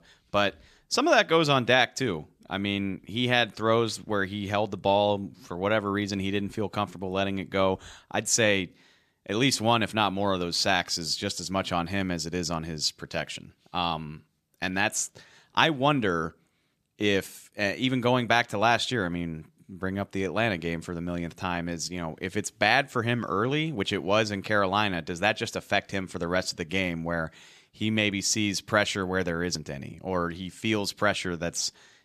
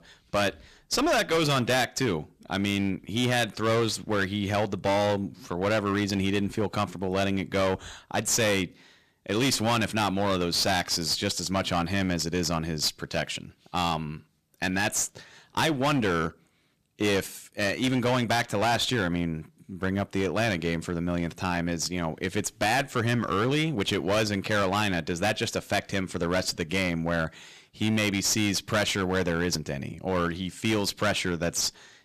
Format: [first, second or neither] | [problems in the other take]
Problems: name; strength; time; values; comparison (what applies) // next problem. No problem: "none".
first | distortion; heavy; 14% of the sound clipped